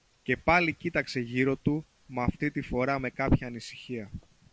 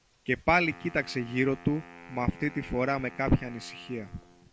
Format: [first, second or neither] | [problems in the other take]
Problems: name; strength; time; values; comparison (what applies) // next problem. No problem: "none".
first | background sound (Wind instrument, woodwind instrument); 20 dB below the speech